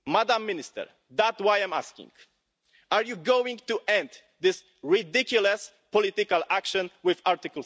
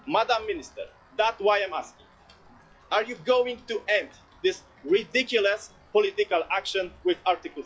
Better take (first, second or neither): first